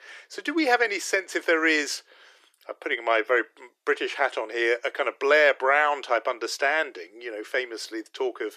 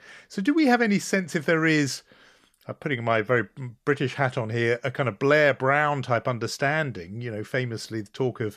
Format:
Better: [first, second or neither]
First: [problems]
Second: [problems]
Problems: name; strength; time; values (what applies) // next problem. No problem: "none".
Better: second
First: thin; very; fading below 350 Hz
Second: none